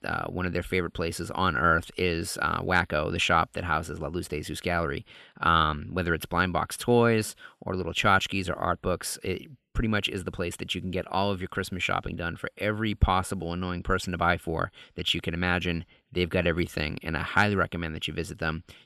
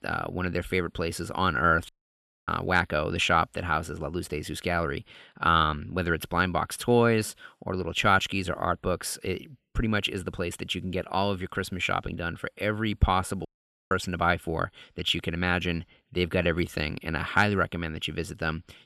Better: first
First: none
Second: audio cutting out; at 2 s for 0.5 s and at 13 s

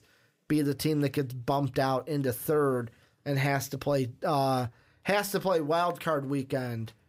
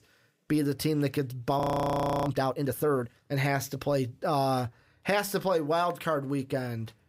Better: first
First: none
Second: audio freezing; at 1.5 s for 0.5 s

